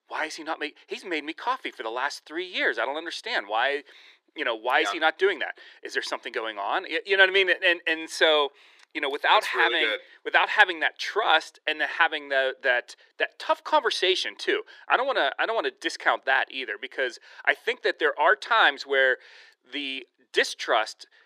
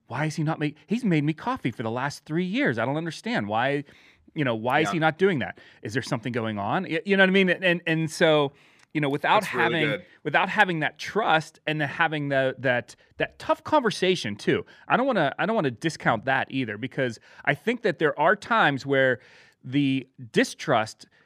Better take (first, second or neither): second